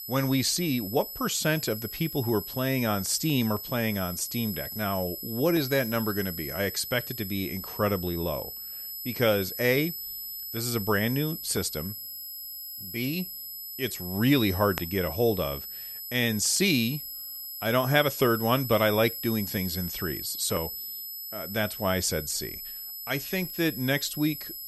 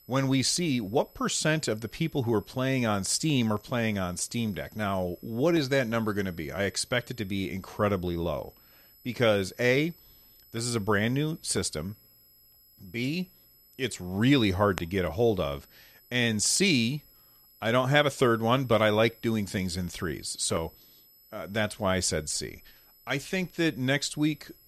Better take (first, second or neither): second